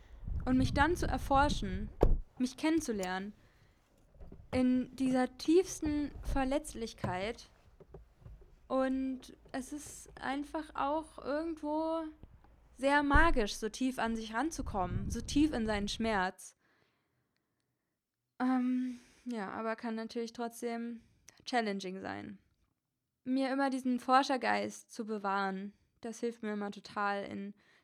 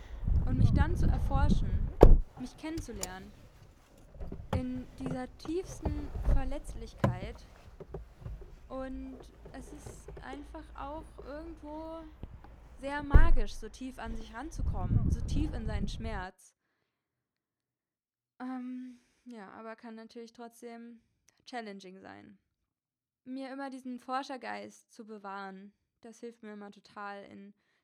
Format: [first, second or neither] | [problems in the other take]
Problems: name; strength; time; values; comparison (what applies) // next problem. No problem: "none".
first | wind noise on the microphone; heavy; until 16 s; 5 dB above the speech; occasional gusts in the first